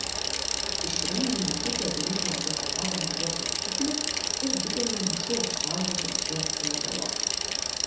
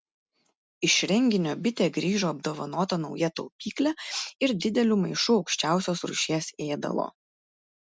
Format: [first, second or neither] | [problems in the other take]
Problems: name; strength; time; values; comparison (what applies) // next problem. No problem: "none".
second | background sound (Bicycle); 5 dB above the speech // room echo; dies away in 1 s